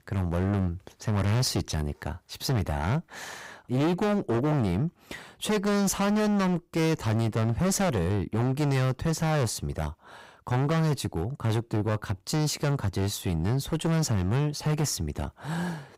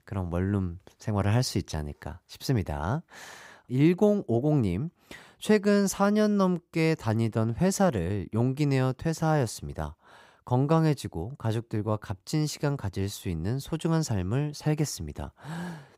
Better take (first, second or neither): second